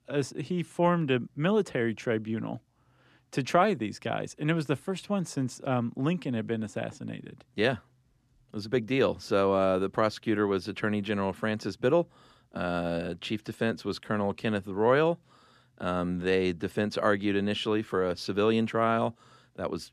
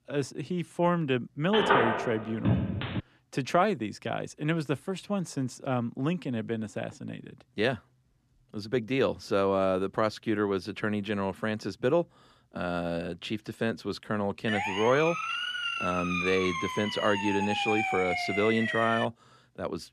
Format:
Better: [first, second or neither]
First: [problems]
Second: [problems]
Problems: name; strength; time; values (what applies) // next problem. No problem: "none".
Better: first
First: none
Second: phone ringing; loud; from 1.5 to 3 s; peak 6 dB above the speech // siren; loud; from 14 to 19 s; peak 1 dB above the speech